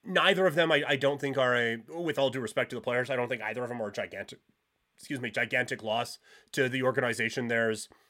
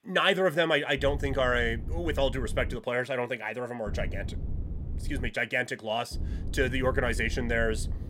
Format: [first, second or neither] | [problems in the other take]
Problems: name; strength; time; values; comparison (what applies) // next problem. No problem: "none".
first | low rumble; faint; from 1 to 3 s, from 4 to 5.5 s and from 6 s on; 20 dB below the speech